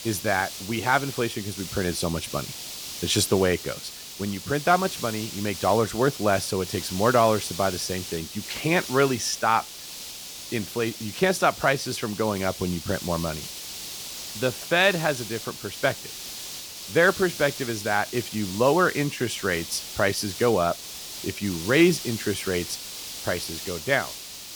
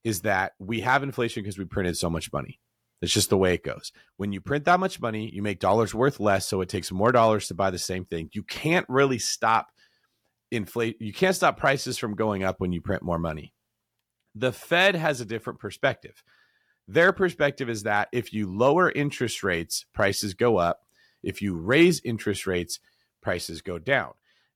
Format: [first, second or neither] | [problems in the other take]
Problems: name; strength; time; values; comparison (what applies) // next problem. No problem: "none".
second | hiss; loud; throughout; 9 dB below the speech